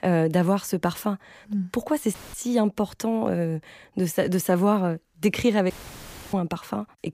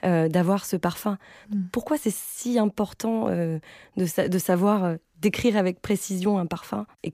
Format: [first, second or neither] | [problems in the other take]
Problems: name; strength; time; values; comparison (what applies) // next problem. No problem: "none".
second | audio cutting out; filled with static; at 2 s and at 5.5 s for 0.5 s